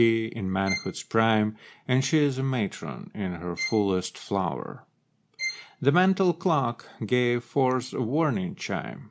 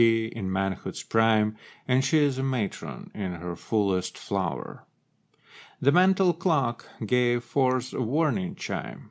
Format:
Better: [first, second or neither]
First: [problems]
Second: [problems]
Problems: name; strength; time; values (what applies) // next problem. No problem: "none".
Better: second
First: background sound (Bowed string instrument); 12 dB below the speech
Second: none